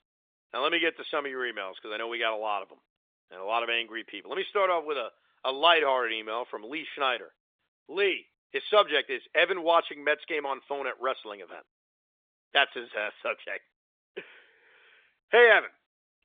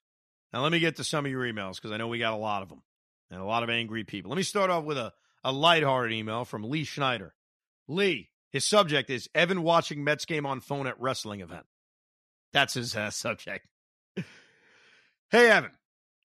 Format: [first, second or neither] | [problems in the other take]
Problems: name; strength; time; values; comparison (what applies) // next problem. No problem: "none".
second | phone-call audio